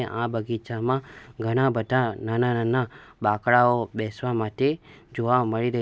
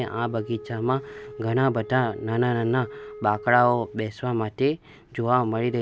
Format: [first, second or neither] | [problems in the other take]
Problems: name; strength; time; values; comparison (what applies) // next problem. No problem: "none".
first | background sound (Wind instrument, woodwind instrument); 17 dB below the speech